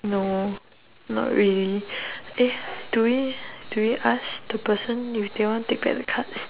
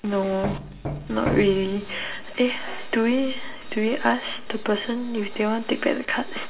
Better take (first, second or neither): first